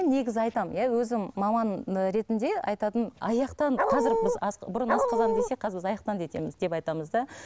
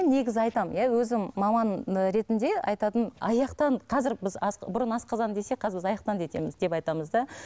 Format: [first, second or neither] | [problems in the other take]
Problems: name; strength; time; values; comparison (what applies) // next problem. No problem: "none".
second | background sound (Dog); 3 dB above the speech